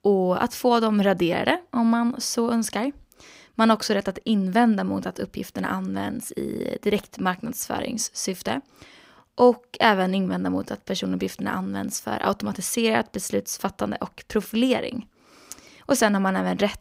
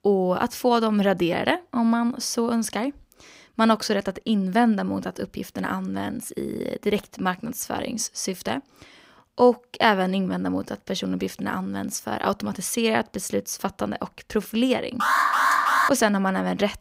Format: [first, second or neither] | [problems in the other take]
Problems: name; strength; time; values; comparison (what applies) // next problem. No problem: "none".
first | alarm; loud; at 15 s; peak 5 dB above the speech